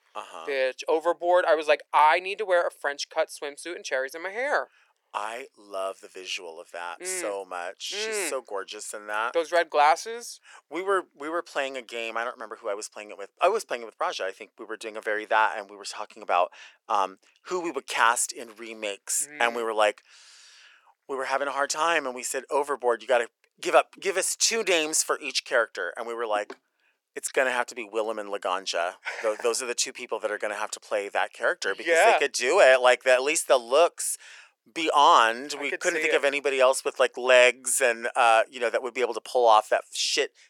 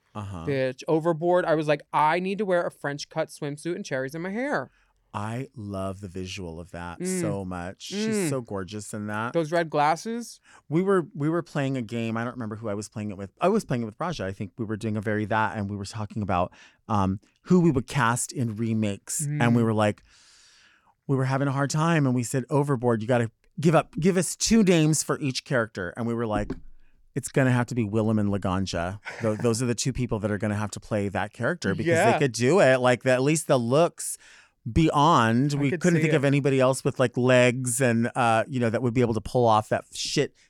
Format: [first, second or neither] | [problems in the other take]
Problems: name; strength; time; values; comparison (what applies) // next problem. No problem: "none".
second | thin; very; fading below 450 Hz